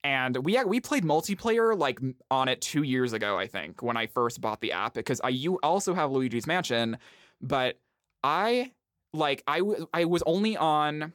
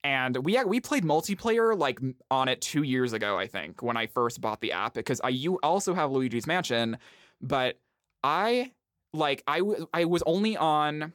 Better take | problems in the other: neither | none

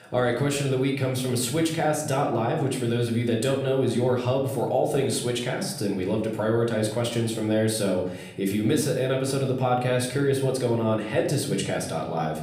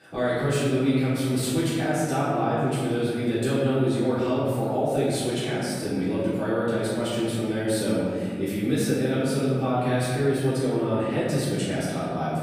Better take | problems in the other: first | room echo; strong; dies away in 1.9 s; slight in the first // off-mic speech; far; somewhat distant in the first

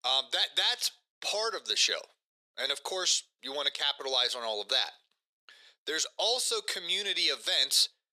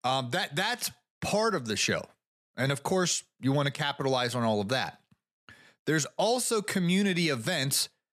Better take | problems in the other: second | thin; very; fading below 450 Hz

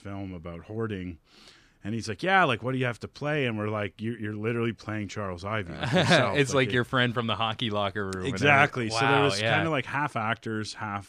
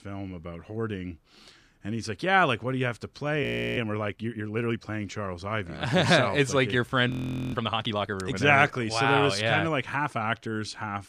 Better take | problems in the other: first | audio freezing; at 3.5 s and at 7 s

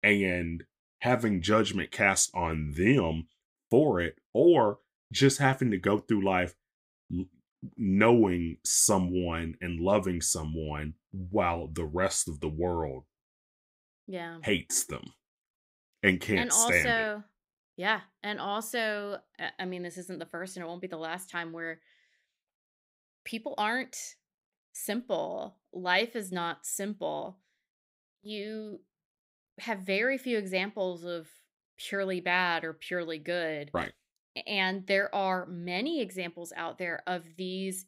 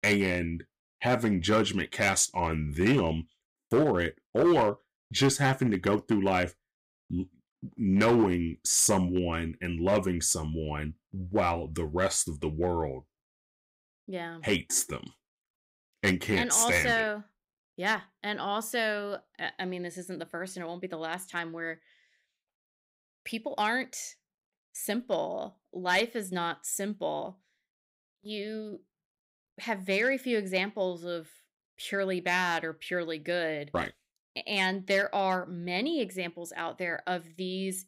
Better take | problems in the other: first | distortion; slight; 1.9% of the sound clipped

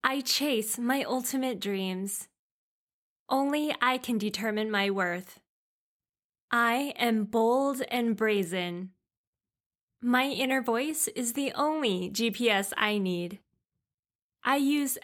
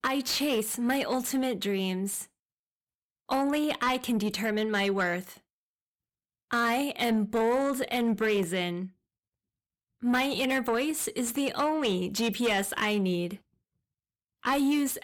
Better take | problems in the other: first | distortion; slight; 10 dB below the speech

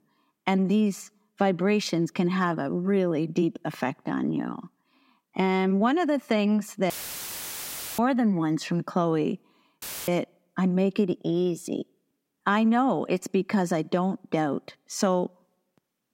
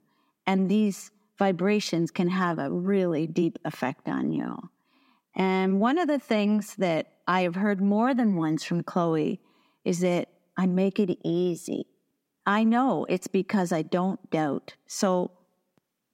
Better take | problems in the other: second | audio cutting out; filled with static; at 7 s for 1 s and at 10 s

